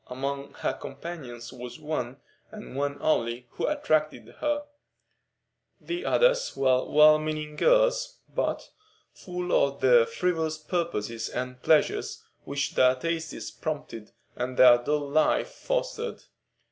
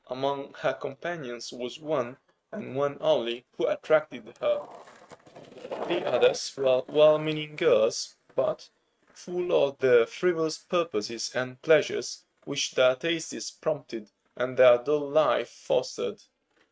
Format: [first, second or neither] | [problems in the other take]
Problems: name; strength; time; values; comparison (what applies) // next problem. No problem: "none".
first | noise reduction (neural mask model RNNoise)